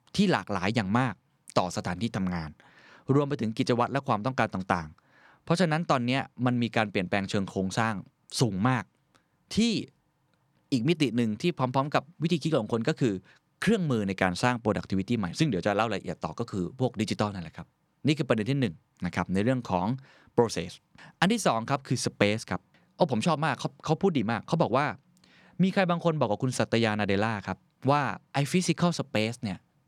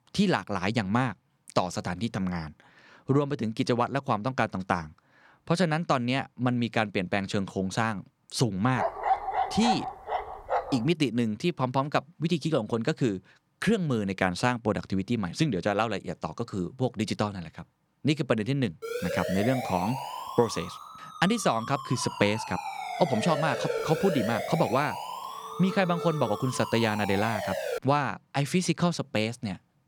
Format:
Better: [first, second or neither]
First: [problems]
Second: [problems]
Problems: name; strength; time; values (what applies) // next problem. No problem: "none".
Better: first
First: none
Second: dog barking; loud; from 9 to 11 s; peak 1 dB above the speech // siren; noticeable; from 19 to 28 s; peak 2 dB below the speech